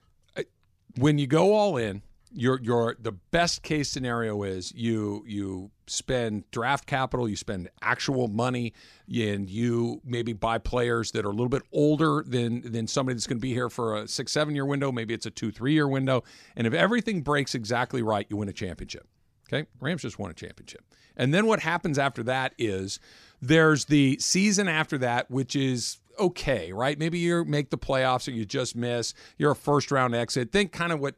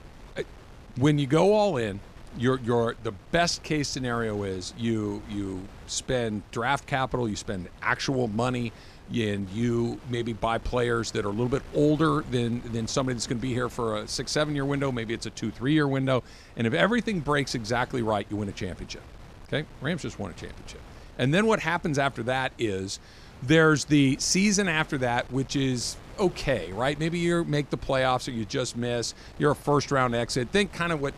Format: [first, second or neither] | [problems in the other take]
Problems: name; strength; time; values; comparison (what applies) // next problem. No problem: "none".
first | wind noise on the microphone; occasional gusts; 25 dB below the speech